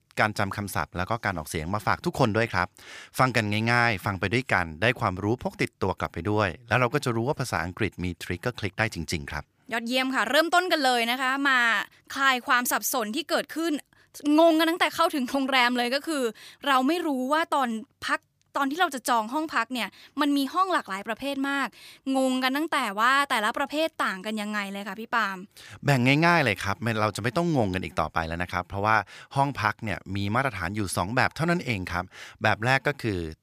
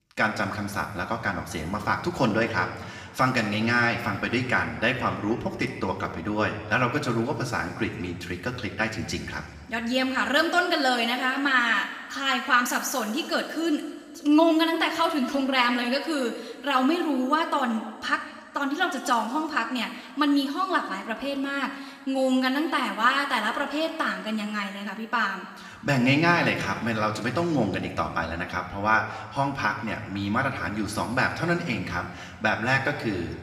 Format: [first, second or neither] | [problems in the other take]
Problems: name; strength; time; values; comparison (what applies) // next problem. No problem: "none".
first | room echo; noticeable; dies away in 2.2 s // off-mic speech; somewhat distant